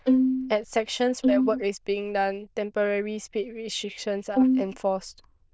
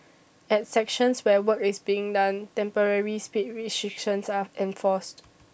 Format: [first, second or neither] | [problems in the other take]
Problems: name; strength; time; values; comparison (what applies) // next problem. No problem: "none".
second | noise reduction (neural diffusion model UNIVERSE++)